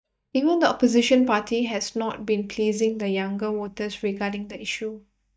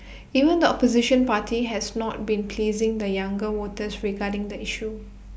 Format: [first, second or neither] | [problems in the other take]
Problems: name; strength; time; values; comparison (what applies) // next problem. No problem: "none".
second | noise reduction (neural mask model DeepFilterNet 3)